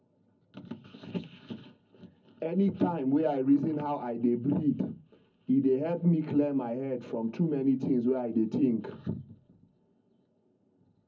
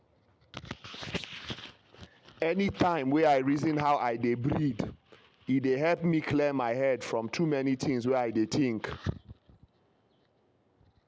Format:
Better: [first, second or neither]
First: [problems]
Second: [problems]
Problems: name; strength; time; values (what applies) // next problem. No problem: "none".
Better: second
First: room echo; dies away in 0.4 s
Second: none